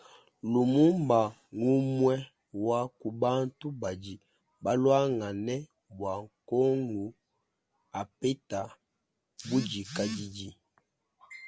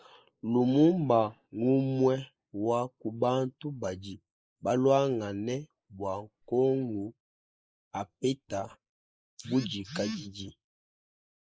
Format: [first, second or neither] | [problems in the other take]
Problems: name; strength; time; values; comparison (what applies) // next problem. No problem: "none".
first | noise reduction (neural mask model Resemble Enhance denoiser)